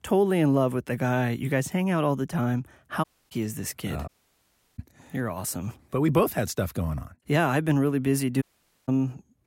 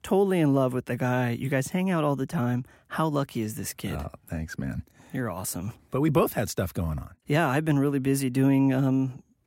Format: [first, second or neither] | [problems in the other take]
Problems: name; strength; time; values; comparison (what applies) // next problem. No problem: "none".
second | audio cutting out; at 3 s, at 4 s for 0.5 s and at 8.5 s